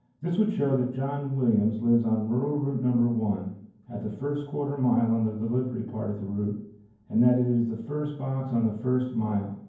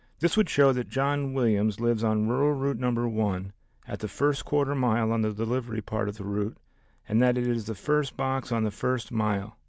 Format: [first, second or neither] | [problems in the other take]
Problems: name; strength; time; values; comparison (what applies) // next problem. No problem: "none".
second | room echo; dies away in 0.9 s